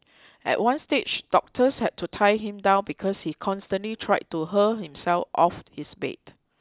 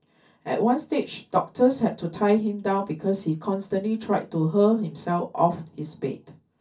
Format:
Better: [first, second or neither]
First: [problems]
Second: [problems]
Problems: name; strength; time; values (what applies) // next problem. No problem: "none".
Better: first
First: none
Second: room echo; dies away in 0.3 s